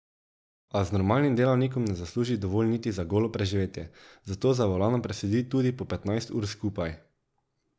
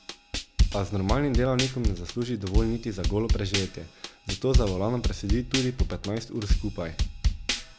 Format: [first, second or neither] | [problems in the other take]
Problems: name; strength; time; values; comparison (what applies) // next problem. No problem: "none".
first | background sound (Drum kit); 1 dB above the speech